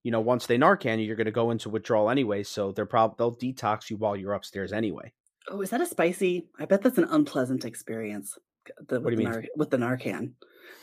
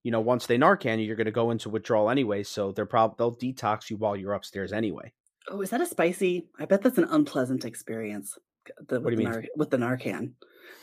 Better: neither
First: none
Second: none

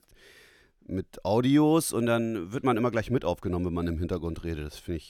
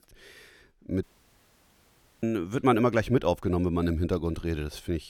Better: first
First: none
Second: audio cutting out; at 1 s for 1 s

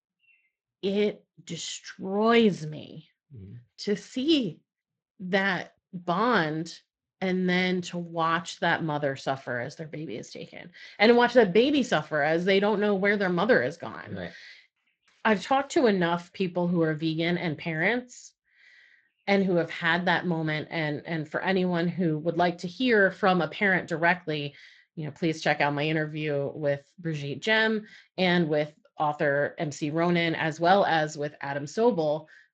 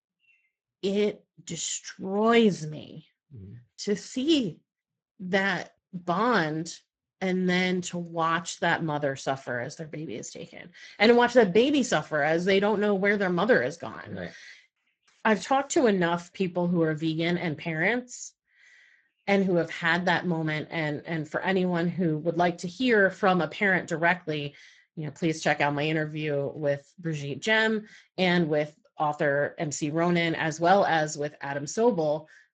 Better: first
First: garbled, watery; slightly; nothing above 7.5 kHz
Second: garbled, watery; badly; nothing above 7.5 kHz

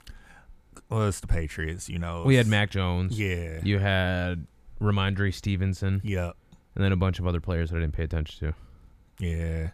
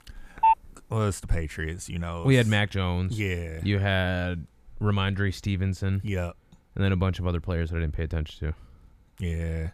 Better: first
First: none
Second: phone ringing; loud; at the start; peak 5 dB above the speech

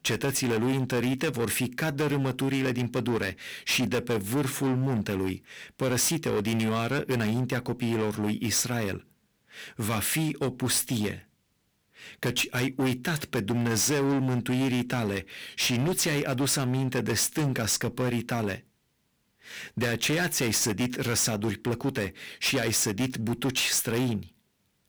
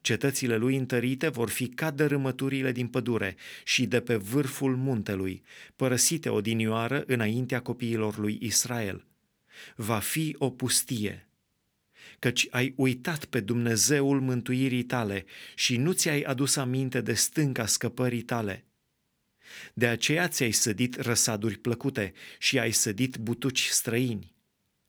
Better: second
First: distortion; heavy; 18% of the sound clipped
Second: none

